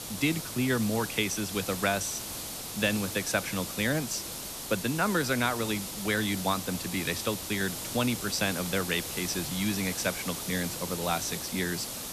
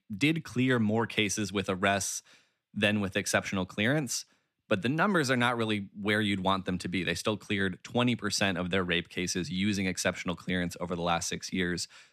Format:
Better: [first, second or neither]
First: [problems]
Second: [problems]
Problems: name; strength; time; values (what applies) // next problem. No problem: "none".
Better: second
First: hiss; loud; throughout; 5 dB below the speech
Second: none